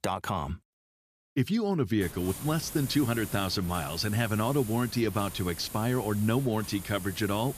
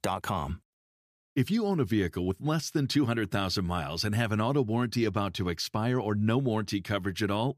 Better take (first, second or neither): second